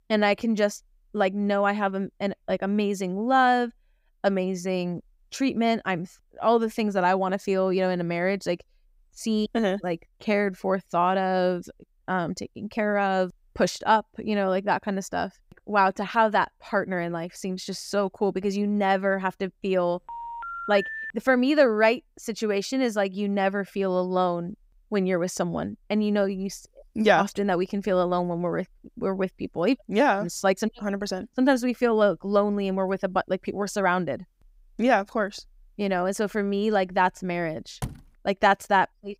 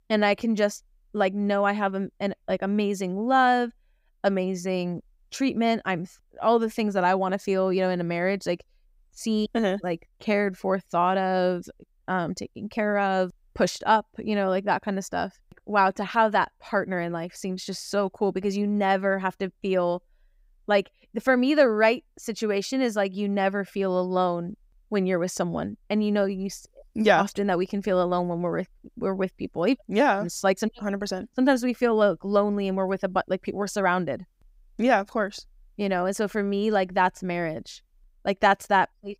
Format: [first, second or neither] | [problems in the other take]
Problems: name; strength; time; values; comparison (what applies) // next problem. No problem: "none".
second | phone ringing; noticeable; from 20 to 21 s; peak 7 dB below the speech // door banging; faint; at 38 s; peak 10 dB below the speech